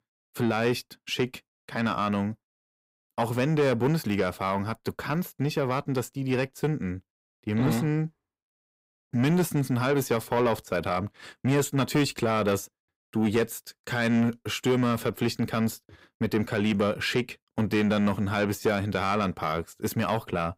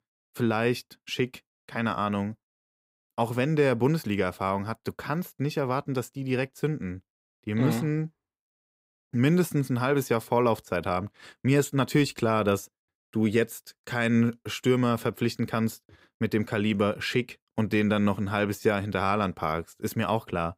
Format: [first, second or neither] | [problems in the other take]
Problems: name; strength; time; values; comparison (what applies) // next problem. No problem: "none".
second | distortion; slight; 10 dB below the speech